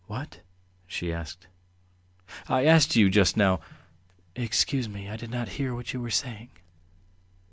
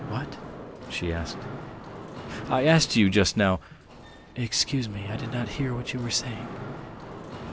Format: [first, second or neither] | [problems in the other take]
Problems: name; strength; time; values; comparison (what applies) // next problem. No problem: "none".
first | background sound (Mechanisms); 11 dB below the speech